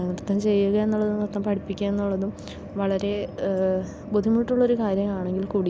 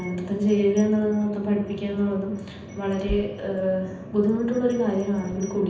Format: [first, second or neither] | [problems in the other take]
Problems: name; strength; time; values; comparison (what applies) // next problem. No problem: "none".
first | background sound (Wind chime); 18 dB below the speech // room echo; dies away in 0.9 s